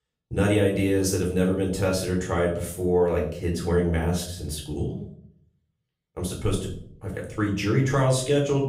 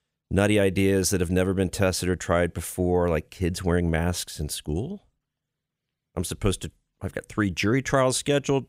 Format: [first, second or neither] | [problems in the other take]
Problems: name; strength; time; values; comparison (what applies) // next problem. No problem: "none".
second | off-mic speech; far // room echo; slight; dies away in 0.5 s